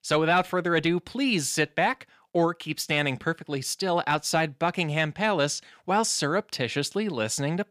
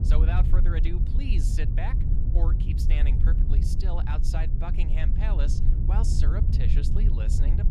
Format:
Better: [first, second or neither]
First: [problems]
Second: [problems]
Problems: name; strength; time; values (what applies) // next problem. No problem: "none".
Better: first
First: none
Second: low rumble; loud; throughout; 3 dB below the speech